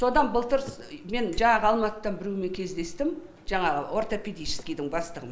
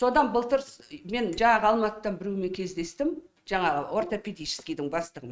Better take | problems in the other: first | noise reduction (neural mask model RNNoise)

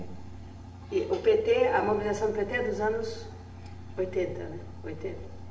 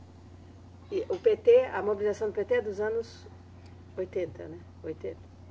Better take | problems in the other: second | background sound (Alarm); 13 dB below the speech // room echo; dies away in 0.7 s

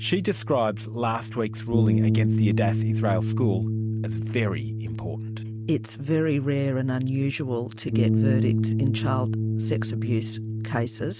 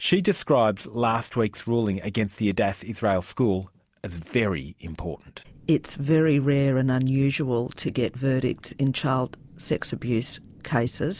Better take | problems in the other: second | noise reduction (neural mask model RNNoise)

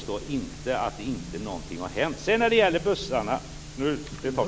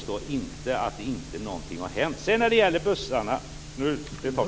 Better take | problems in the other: second | background sound (Telephone); 20 dB below the speech

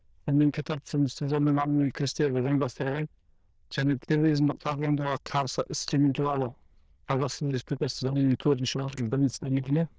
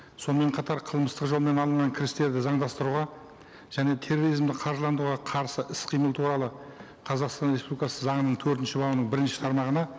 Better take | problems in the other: second | noise reduction (neural diffusion model UNIVERSE++)

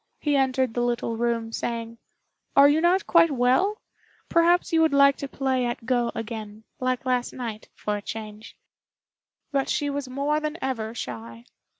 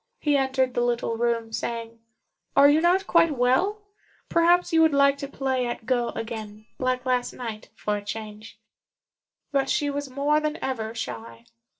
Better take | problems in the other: first | noise reduction (neural separator model SepFormer DNS4)

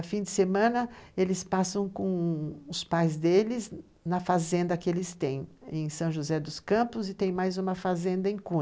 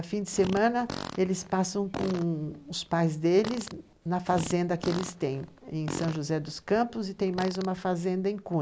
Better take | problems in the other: first | background sound (Fart); 13 dB below the speech

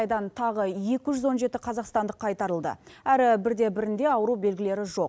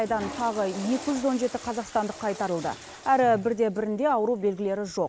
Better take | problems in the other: first | background sound (Toilet flush / Water); 16 dB below the speech

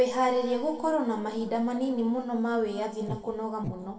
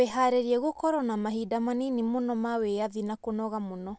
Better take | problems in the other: second | noise reduction (neural separator model SepFormer DNS4)

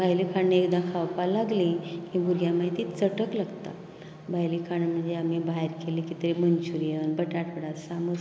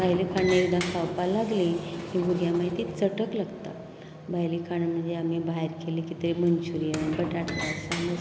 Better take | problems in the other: first | background sound (Sliding door); 11 dB below the speech

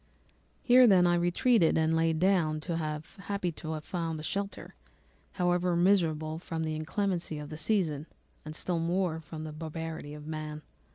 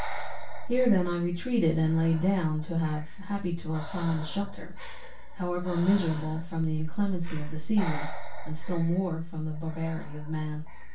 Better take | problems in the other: first | background sound (Breathing); 1 dB below the speech // room echo; dies away in 0.2 s

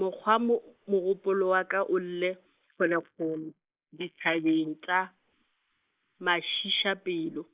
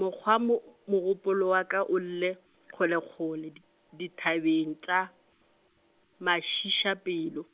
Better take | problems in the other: second | noise reduction (neural mask model Resemble Enhance denoiser)

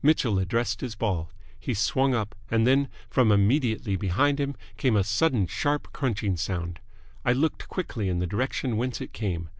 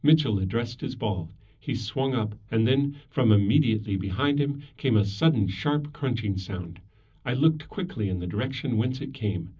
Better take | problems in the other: first | room echo; dies away in 0.4 s

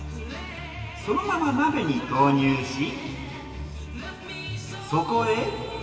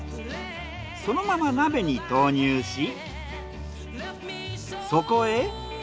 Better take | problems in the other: second | room echo; dies away in 2.6 s

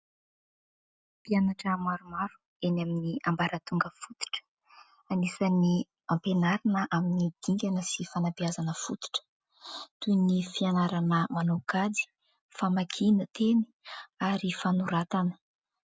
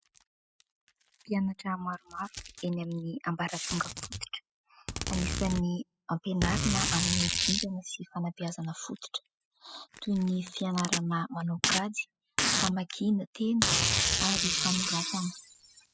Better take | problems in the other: first | noise reduction (classical method spectral subtraction)

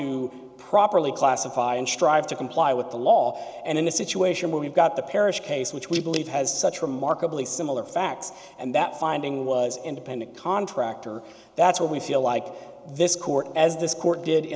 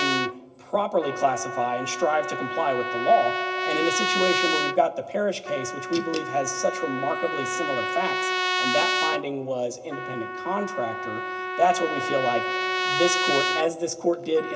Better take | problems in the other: first | background sound (Trumpet); 2 dB below the speech // room echo; dies away in 0.4 s

